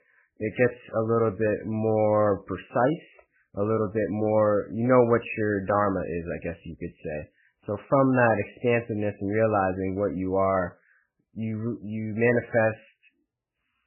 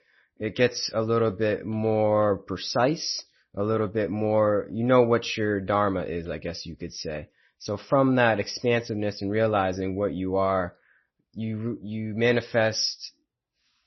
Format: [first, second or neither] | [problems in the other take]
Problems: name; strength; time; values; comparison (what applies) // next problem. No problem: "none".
second | garbled, watery; badly; nothing above 2.5 kHz; slightly in the second